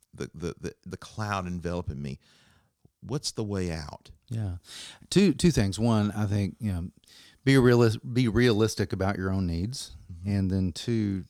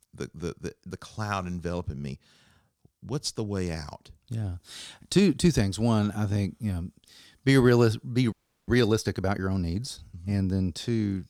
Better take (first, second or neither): first